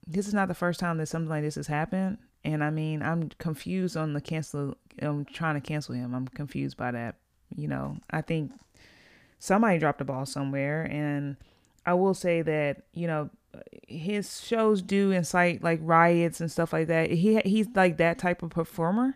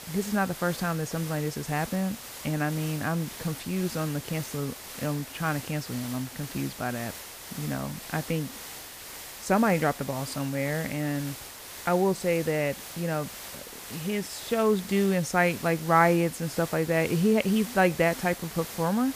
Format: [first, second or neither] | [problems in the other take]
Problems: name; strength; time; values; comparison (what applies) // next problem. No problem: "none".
first | hiss; noticeable; throughout; 10 dB below the speech